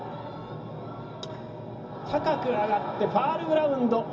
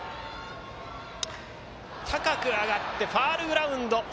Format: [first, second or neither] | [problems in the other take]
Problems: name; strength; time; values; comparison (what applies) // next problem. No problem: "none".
second | room echo; dies away in 0.4 s